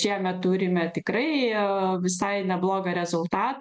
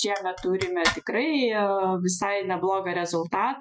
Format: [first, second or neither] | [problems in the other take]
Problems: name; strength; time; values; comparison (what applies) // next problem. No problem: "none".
first | noise reduction (classical method Wiener filter)